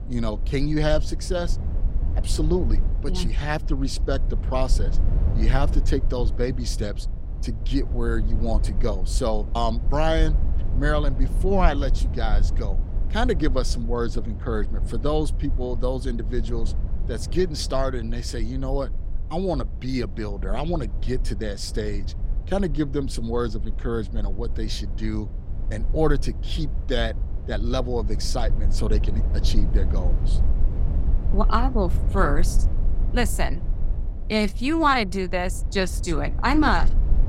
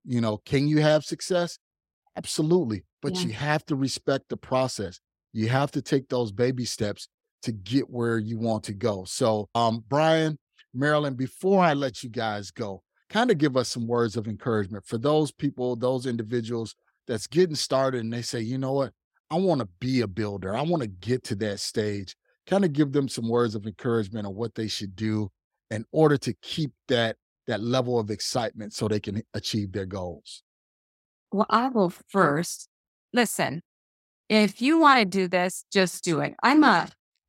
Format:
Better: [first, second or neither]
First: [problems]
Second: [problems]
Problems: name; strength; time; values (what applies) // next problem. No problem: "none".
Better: second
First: low rumble; noticeable; throughout; 15 dB below the speech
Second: none